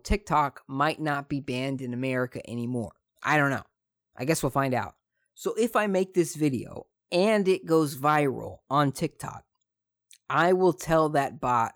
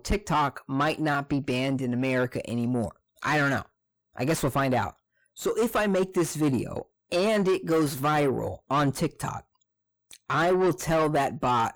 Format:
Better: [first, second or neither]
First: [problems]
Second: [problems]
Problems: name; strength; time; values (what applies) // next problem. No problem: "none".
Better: first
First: none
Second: distortion; heavy; 7 dB below the speech